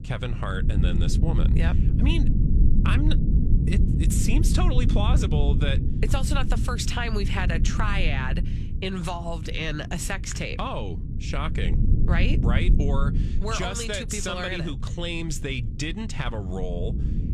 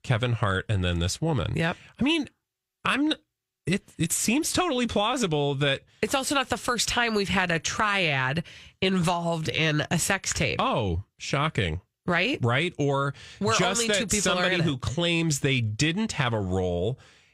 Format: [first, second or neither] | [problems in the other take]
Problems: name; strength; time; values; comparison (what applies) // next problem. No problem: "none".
second | low rumble; loud; throughout; 7 dB below the speech